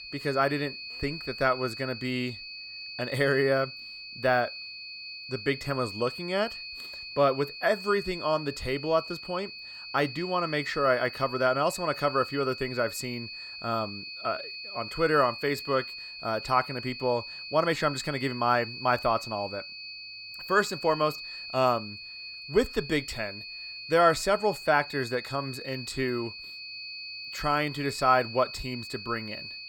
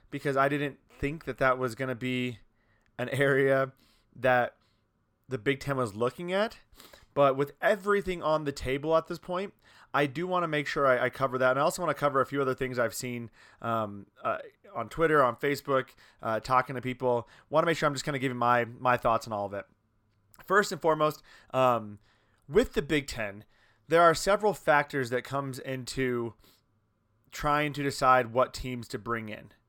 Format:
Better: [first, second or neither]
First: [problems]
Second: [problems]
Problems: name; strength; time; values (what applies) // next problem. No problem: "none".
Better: second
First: high-pitched whine; loud; throughout; 4.5 kHz, 10 dB below the speech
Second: none